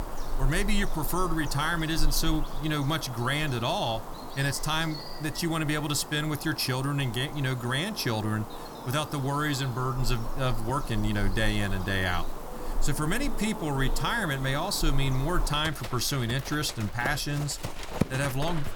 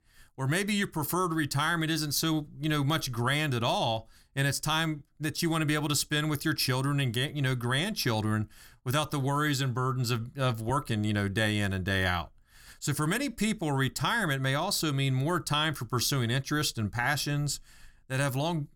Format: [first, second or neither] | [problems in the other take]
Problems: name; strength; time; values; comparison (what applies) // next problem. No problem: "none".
second | animal sounds; loud; throughout; 9 dB below the speech